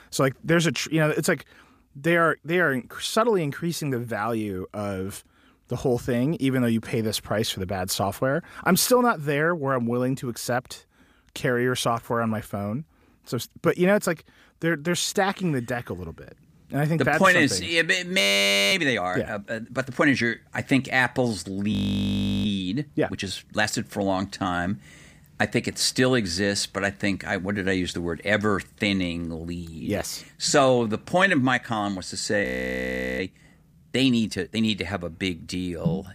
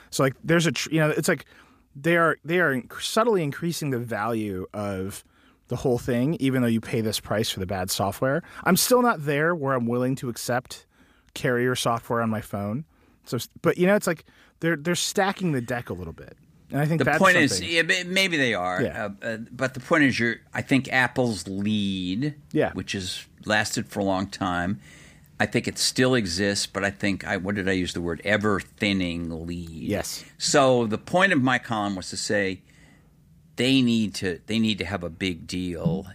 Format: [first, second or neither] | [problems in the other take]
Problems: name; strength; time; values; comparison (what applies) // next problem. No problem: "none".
second | audio freezing; at 18 s for 0.5 s, at 22 s for 0.5 s and at 32 s for 1 s